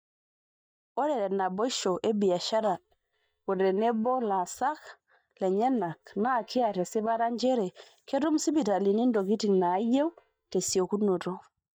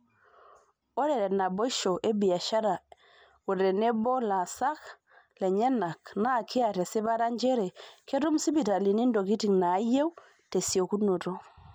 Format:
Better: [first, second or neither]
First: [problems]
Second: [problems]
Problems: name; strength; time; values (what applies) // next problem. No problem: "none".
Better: second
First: noise reduction (neural mask model DeepFilterNet 3)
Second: none